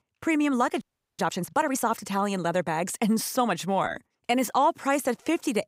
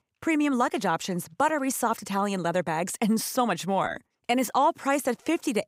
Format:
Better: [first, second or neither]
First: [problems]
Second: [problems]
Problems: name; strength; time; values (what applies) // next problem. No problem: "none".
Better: second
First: audio freezing; at 1 s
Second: none